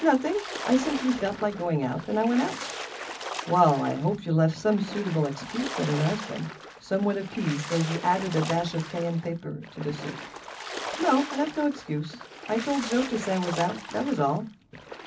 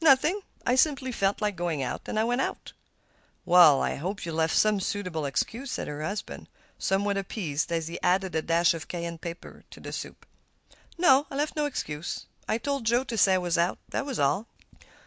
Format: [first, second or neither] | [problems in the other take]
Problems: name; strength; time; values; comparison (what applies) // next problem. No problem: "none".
second | background sound (Splash, splatter); 11 dB below the speech // room echo; dies away in 0.4 s